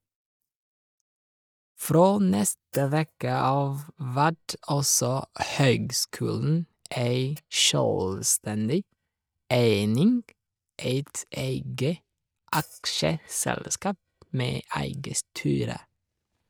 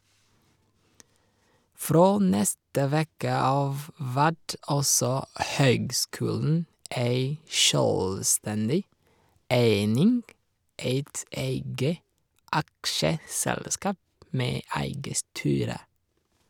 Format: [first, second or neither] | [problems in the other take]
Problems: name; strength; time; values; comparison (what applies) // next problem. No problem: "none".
second | noise reduction (neural mask model DeepFilterNet 3)